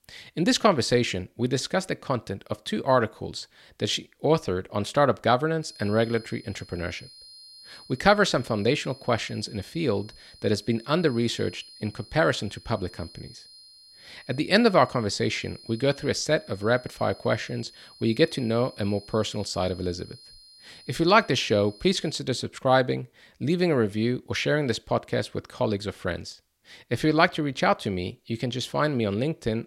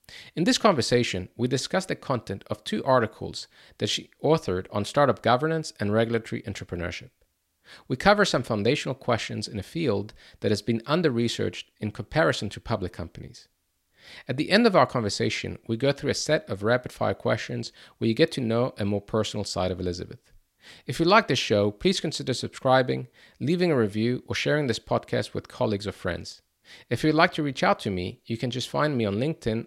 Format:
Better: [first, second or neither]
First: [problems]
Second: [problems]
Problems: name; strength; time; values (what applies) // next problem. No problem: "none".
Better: second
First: high-pitched whine; faint; from 5.5 to 22 s; 4 kHz, 20 dB below the speech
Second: none